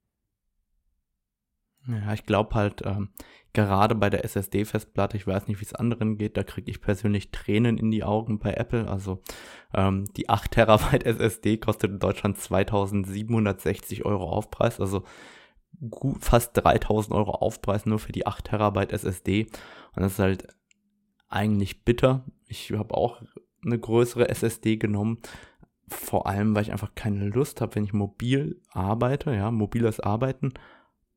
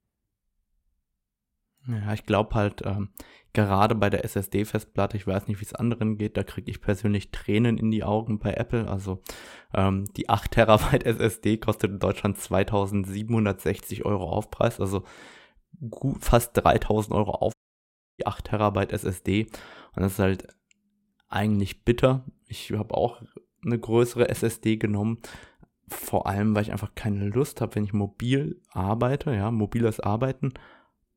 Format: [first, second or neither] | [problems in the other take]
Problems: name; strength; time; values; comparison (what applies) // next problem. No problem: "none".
first | audio cutting out; at 18 s for 0.5 s